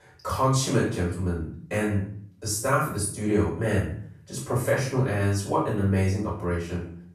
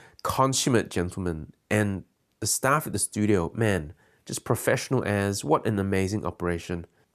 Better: second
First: off-mic speech; far // room echo; noticeable; dies away in 0.5 s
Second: none

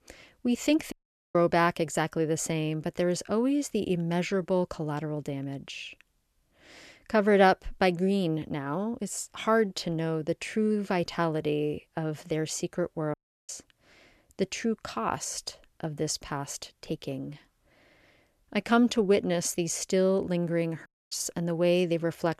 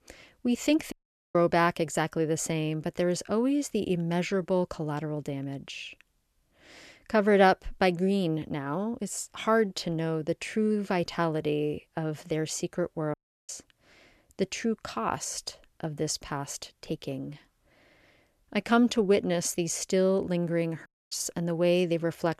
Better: neither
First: audio cutting out; at 1 s, at 13 s and at 21 s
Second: audio cutting out; at 1 s, at 13 s and at 21 s

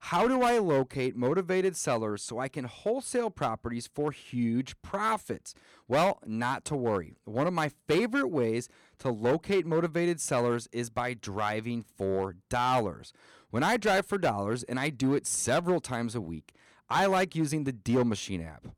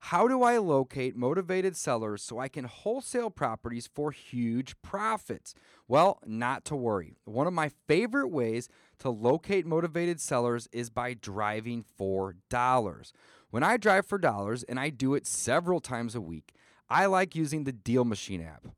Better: second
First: distortion; slight; 5% of the sound clipped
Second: none

